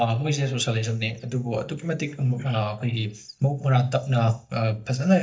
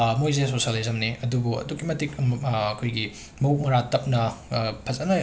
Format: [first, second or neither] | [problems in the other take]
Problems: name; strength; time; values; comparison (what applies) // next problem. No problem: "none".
second | noise reduction (neural mask model DeepFilterNet 3)